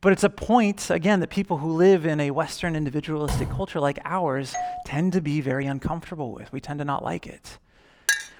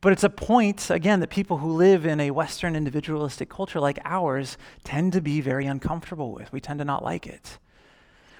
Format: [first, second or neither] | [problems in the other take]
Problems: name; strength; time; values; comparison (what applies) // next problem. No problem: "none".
second | door banging; noticeable; at 3.5 s; peak 4 dB below the speech // doorbell; noticeable; at 4.5 s; peak 7 dB below the speech // clattering dishes; loud; at 8 s; peak level with the speech